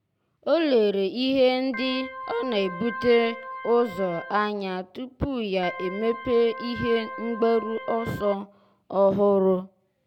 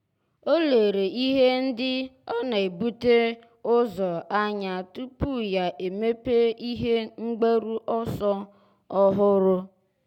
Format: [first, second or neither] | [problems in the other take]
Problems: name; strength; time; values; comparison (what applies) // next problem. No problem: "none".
second | background sound (Organ); 11 dB below the speech